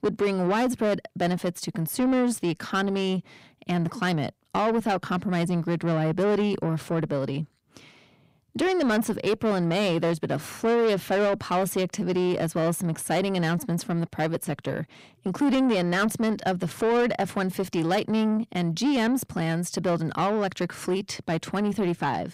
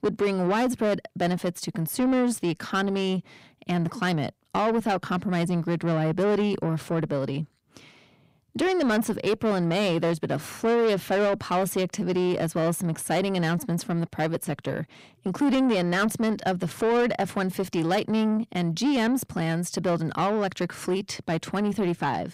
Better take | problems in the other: neither | distortion; slight; 10 dB below the speech; the same in both

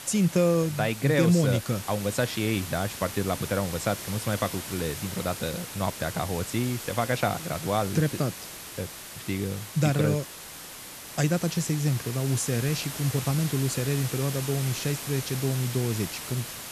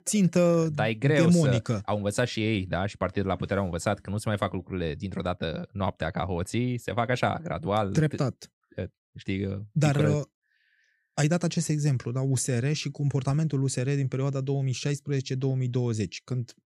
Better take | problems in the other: second | hiss; loud; throughout; 8 dB below the speech

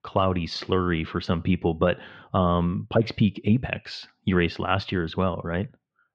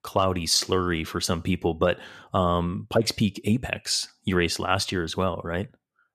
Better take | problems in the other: second | muffled; slightly; fading above 3.5 kHz

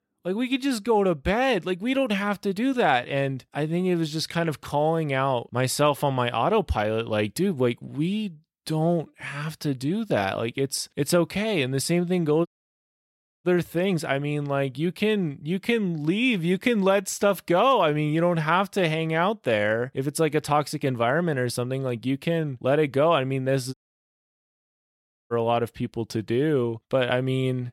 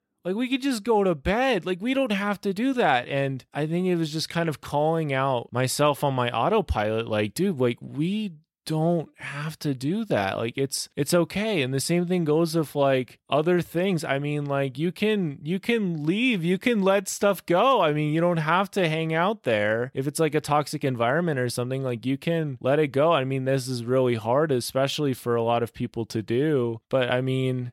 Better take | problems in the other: second | audio cutting out; at 12 s for 1 s and at 24 s for 1.5 s

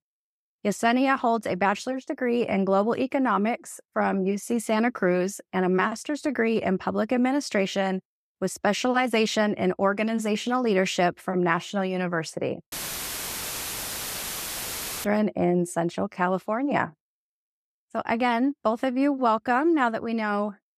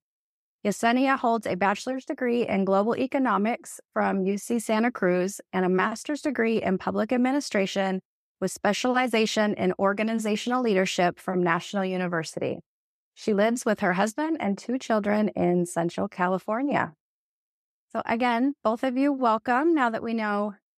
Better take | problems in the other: second | audio cutting out; filled with static; at 13 s for 2.5 s

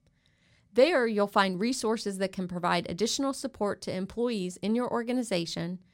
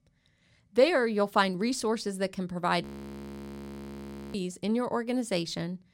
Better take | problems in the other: first | audio freezing; at 3 s for 1.5 s

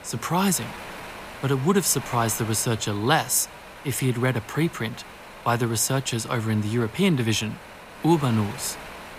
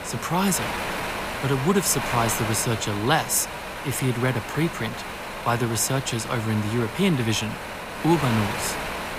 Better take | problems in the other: first | wind noise on the microphone; heavy; 3 dB below the speech; occasional gusts in the first

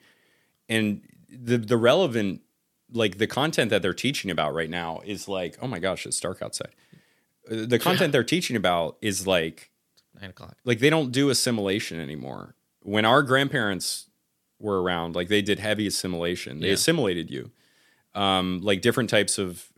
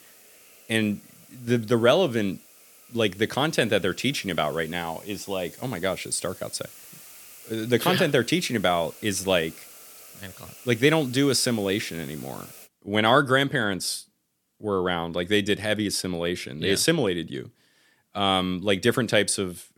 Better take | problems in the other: first | hiss; faint; until 13 s; 20 dB below the speech

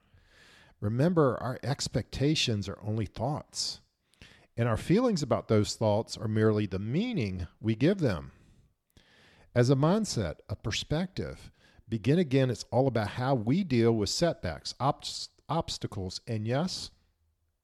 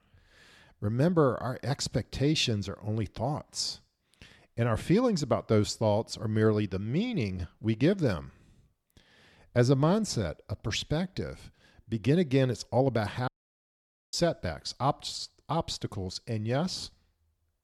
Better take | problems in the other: first | audio cutting out; at 13 s for 1 s

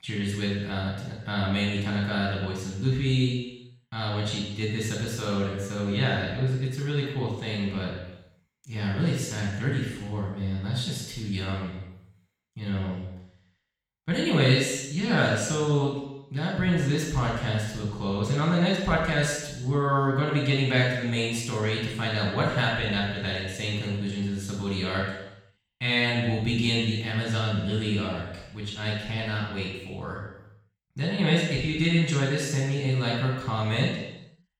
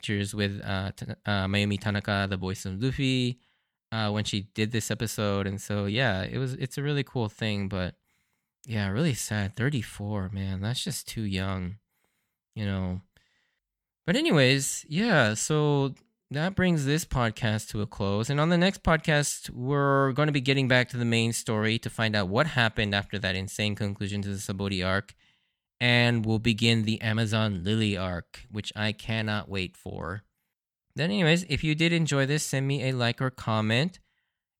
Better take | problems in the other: second | room echo; strong; dies away in 0.9 s // off-mic speech; far

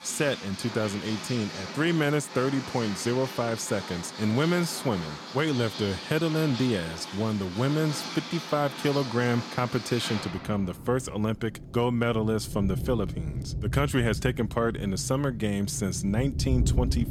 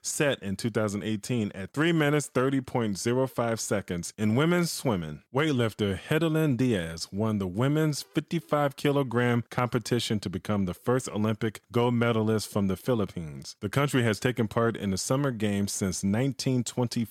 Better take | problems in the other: second | rain or running water; loud; throughout; 8 dB below the speech

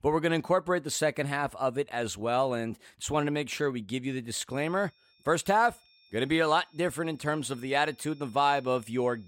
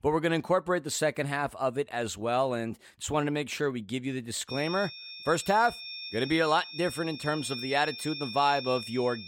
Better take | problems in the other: first | high-pitched whine; loud; from 4.5 s on; 5.5 kHz, 9 dB below the speech; faint in the first

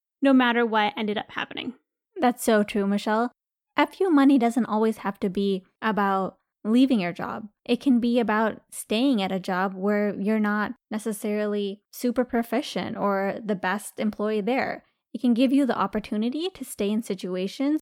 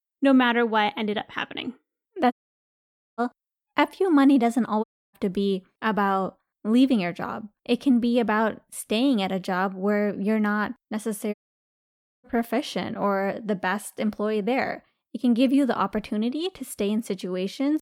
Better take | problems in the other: first | audio cutting out; at 2.5 s for 1 s, at 5 s and at 11 s for 1 s

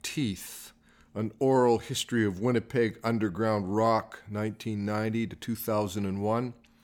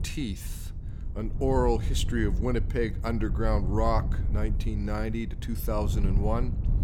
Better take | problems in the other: first | wind noise on the microphone; occasional gusts; 15 dB below the speech

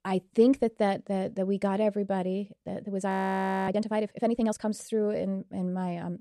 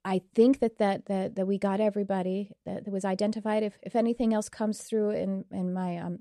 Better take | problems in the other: second | audio freezing; at 3 s for 0.5 s

